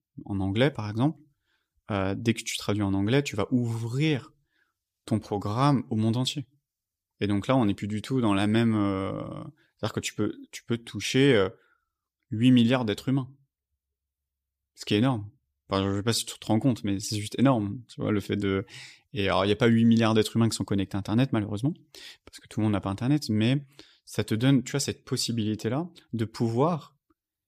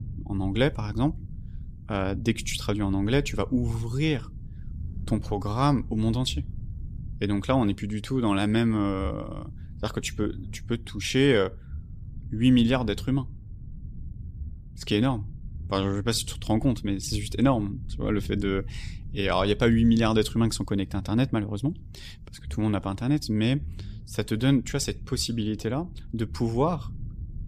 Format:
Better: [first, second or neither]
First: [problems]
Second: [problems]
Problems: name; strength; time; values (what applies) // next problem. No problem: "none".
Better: first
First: none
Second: low rumble; faint; throughout; 25 dB below the speech